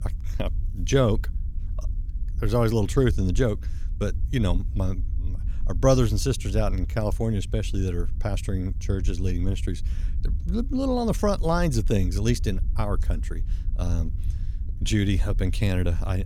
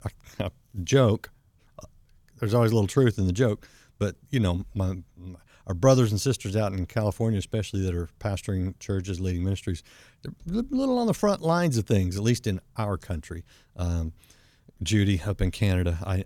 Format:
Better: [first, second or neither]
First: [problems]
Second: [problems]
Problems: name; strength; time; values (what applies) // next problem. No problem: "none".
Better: second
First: low rumble; faint; throughout; 20 dB below the speech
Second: none